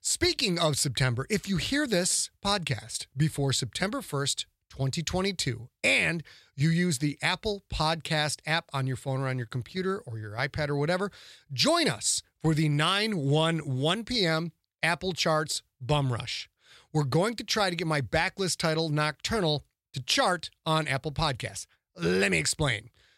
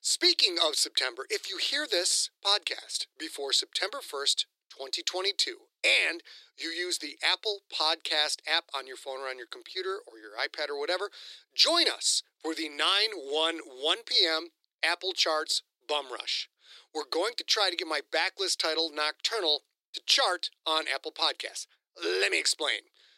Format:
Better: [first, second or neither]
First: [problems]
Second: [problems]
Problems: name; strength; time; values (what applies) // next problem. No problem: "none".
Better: first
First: none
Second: thin; very; fading below 350 Hz